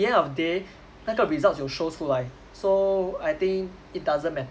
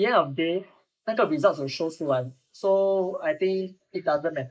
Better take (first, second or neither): first